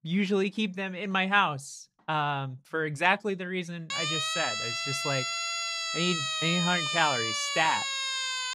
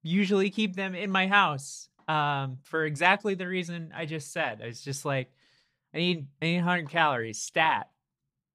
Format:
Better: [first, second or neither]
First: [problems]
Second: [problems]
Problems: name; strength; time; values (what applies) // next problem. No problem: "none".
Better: second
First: siren; loud; from 4 s on; peak 1 dB above the speech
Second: none